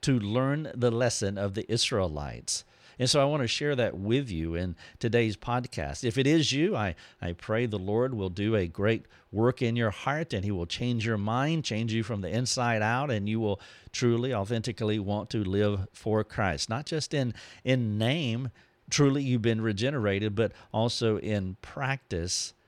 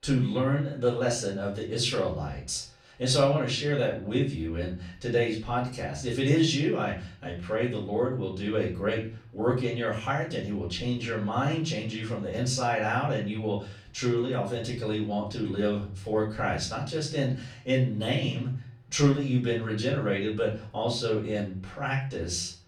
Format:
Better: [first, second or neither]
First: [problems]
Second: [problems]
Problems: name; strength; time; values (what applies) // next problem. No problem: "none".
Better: first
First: none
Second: room echo; slight; dies away in 0.4 s // off-mic speech; far